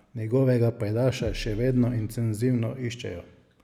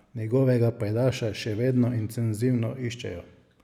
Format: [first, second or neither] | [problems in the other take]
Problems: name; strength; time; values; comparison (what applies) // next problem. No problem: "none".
second | background sound (Bass drum); 14 dB below the speech